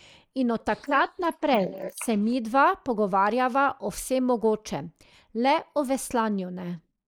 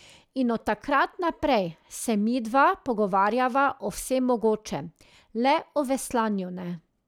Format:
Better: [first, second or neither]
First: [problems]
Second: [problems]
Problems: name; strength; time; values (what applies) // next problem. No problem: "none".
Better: second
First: noise reduction (neural mask model Resemble Enhance denoiser)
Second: none